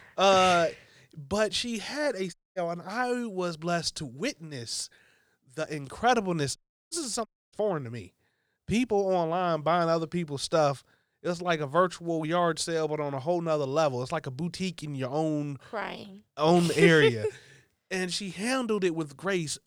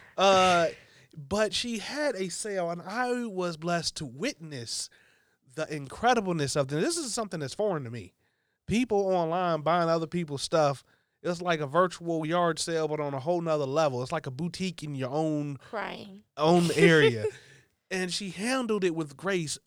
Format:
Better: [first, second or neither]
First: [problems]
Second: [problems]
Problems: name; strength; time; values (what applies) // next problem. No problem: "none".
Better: second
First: audio cutting out; at 2.5 s, at 6.5 s and at 7.5 s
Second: none